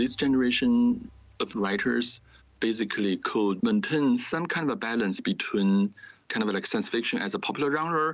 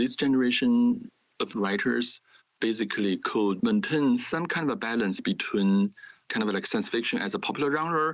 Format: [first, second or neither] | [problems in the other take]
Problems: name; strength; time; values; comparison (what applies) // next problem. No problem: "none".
first | noise reduction (neural mask model Resemble Enhance denoiser)